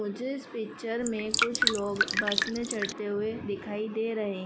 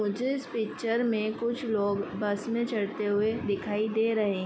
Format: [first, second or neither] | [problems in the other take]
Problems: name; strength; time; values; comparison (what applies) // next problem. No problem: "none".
second | background sound (Drip); 2 dB above the speech